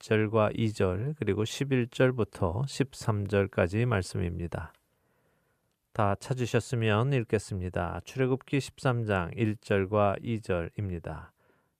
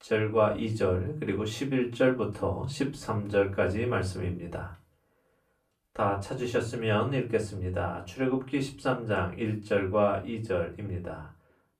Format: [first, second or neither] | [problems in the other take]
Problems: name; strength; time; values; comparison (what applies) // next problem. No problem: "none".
first | off-mic speech; far // room echo; very slight; dies away in 0.3 s